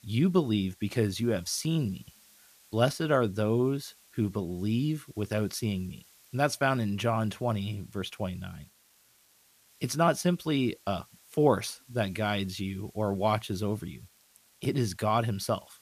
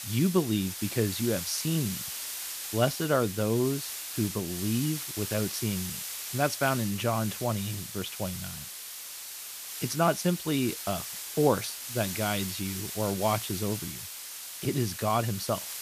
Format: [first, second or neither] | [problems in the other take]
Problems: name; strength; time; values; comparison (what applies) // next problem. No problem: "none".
first | hiss; loud; throughout; 6 dB below the speech; faint in the first